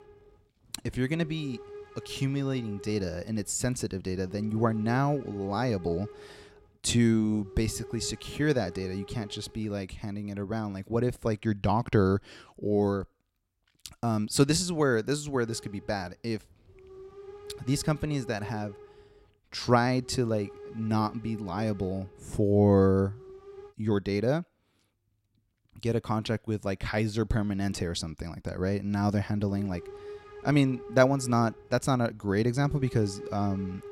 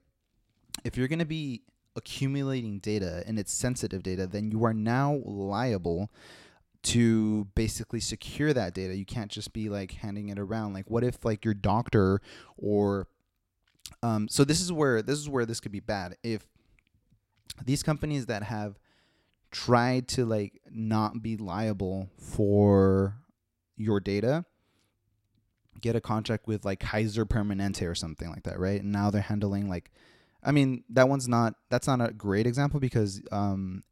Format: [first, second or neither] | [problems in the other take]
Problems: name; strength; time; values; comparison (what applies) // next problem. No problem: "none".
second | hiss; noticeable; until 9.5 s, from 15 to 24 s and from 29 s on; 20 dB below the speech